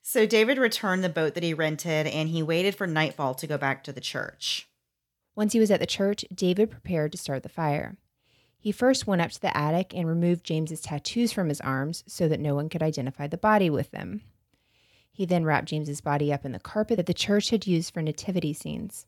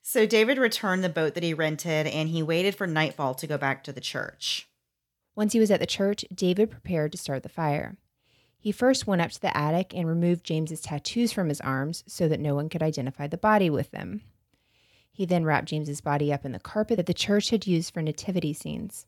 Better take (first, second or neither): neither